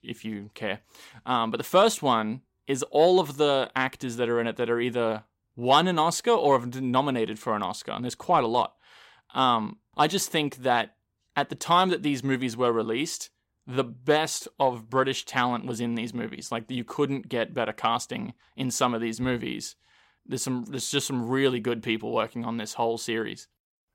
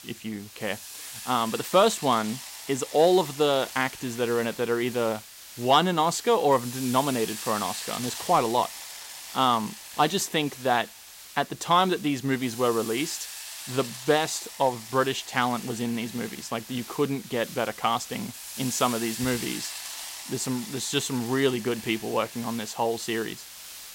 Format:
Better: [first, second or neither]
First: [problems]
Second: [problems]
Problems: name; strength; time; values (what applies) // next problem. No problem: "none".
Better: first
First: none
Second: hiss; noticeable; throughout; 10 dB below the speech